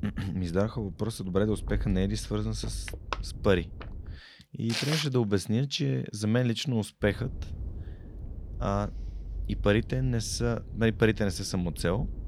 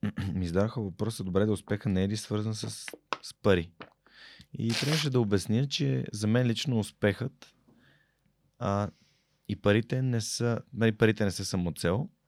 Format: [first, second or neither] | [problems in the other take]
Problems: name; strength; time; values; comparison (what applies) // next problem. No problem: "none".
second | wind noise on the microphone; occasional gusts; until 4 s and from 7 s on; 25 dB below the speech